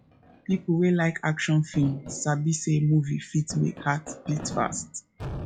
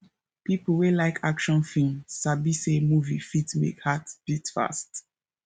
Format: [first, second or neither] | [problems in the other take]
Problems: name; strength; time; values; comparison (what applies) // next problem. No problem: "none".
second | noise reduction (classical method log-MMSE)